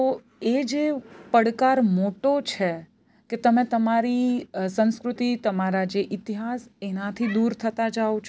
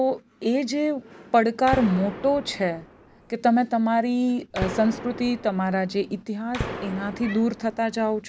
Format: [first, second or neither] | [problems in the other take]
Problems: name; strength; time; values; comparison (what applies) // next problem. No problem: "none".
first | background sound (Gunshot, gunfire); 11 dB below the speech